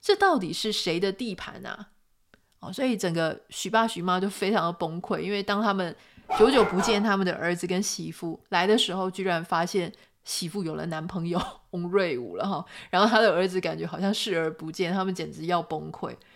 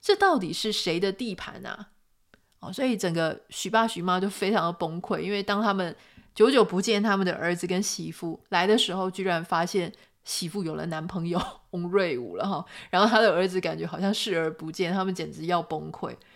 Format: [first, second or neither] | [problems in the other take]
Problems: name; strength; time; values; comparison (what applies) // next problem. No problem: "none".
second | dog barking; noticeable; at 6.5 s; peak 2 dB below the speech